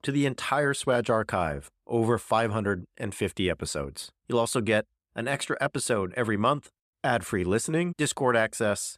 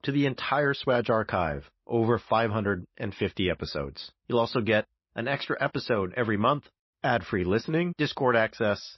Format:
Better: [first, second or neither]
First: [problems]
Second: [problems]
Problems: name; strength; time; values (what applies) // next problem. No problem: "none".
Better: first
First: none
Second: garbled, watery; slightly; nothing above 5.5 kHz